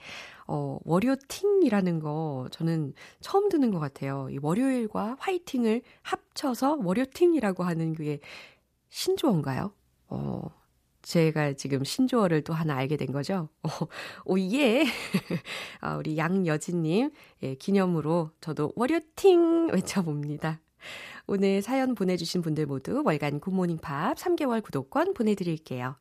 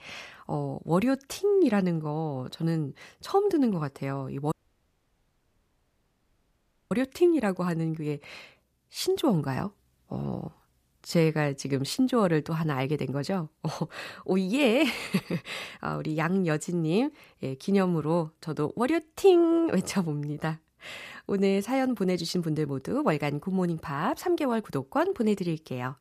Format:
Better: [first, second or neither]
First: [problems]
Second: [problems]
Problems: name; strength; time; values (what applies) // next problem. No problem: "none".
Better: first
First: none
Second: audio cutting out; at 4.5 s for 2.5 s